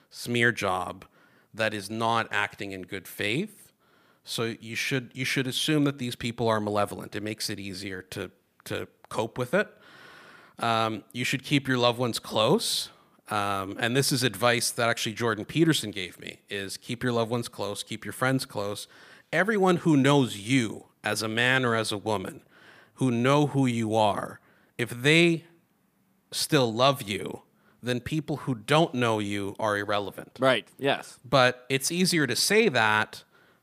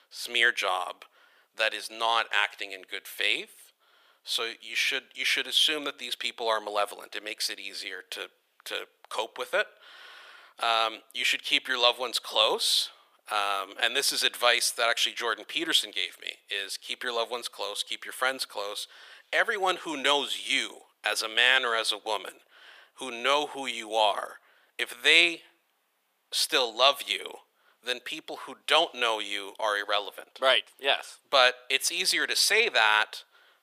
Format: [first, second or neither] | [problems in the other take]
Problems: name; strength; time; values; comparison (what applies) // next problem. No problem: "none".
first | thin; very; fading below 500 Hz